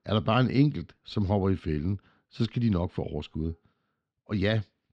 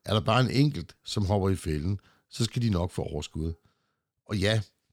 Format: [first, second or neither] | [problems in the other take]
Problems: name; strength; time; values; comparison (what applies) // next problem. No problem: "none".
second | muffled; slightly; fading above 3.5 kHz